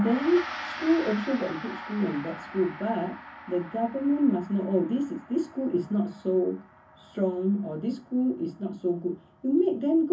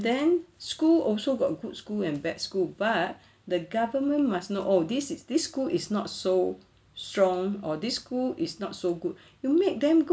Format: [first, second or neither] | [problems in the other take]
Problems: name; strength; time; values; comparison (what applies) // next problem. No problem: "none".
second | background sound (Gong); 15 dB below the speech // room echo; dies away in 0.3 s